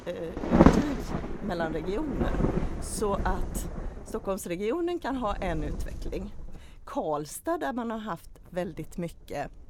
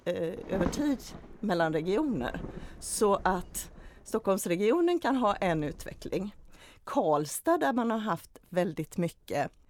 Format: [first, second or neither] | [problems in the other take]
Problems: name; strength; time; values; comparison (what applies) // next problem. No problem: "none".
second | wind noise on the microphone; heavy; 2 dB above the speech; occasional gusts in the second